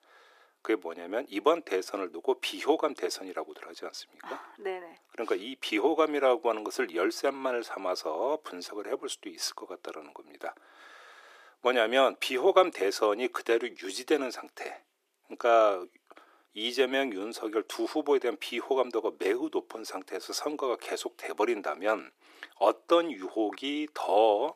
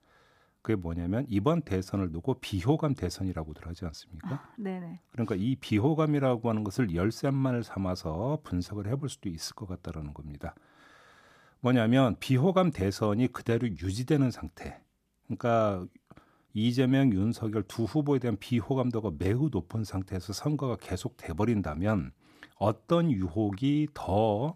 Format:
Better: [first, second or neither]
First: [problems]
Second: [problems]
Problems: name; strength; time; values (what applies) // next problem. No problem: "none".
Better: second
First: thin; very; fading below 350 Hz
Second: none